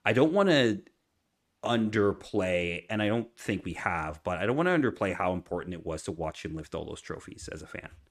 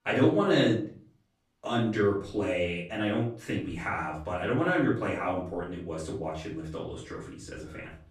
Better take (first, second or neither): first